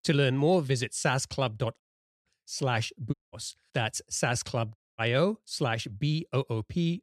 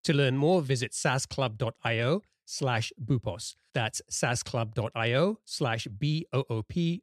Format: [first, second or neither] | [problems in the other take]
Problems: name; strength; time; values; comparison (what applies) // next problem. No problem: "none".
second | audio cutting out; at 2 s, at 3 s and at 5 s